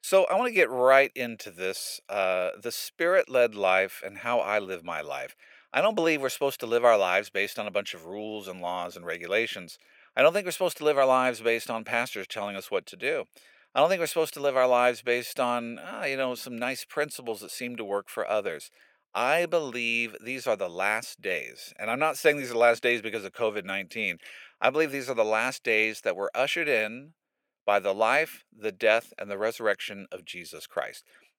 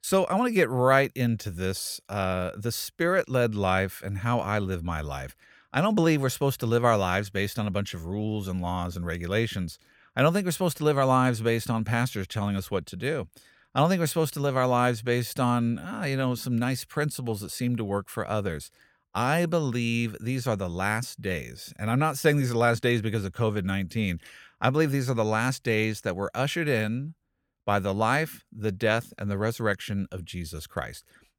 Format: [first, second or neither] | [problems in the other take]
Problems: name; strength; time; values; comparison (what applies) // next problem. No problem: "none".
second | thin; very; fading below 400 Hz